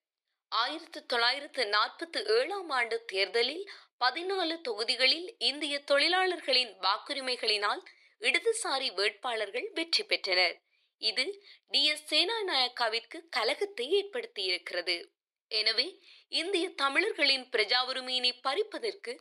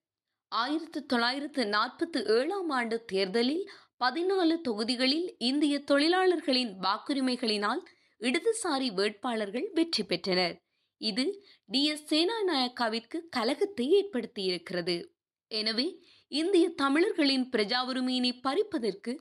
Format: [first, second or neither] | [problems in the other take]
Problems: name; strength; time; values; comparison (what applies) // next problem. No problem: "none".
second | thin; very; fading below 450 Hz